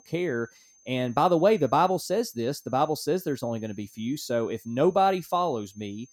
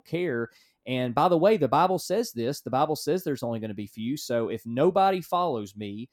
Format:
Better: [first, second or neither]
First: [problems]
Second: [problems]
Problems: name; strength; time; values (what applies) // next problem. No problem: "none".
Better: second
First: high-pitched whine; faint; throughout; 6.5 kHz, 30 dB below the speech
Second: none